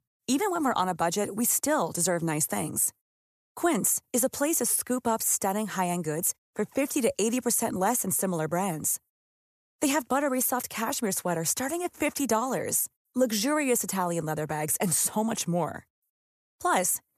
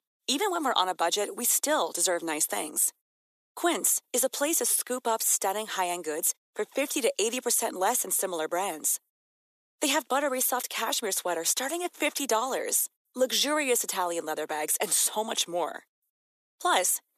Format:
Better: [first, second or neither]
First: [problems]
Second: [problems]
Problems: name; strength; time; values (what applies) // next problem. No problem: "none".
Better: first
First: none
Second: thin; somewhat; fading below 300 Hz